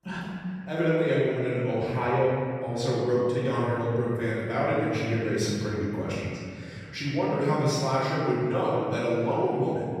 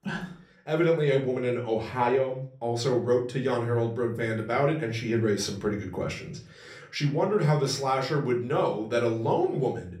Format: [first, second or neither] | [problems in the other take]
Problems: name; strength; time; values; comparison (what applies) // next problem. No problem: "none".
second | room echo; strong; dies away in 2.5 s; slight in the second // off-mic speech; far; somewhat distant in the second